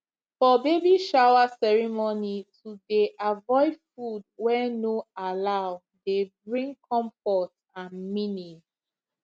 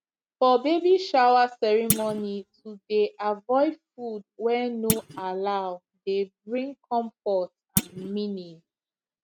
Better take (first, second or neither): first